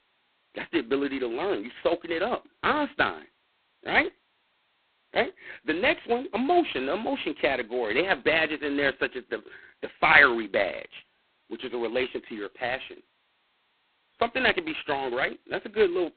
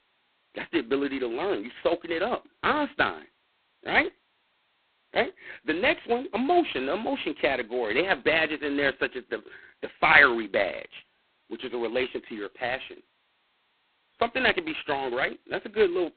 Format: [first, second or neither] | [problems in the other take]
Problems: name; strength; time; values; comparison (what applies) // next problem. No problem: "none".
neither | phone-call audio; poor line; nothing above 4 kHz; the same in both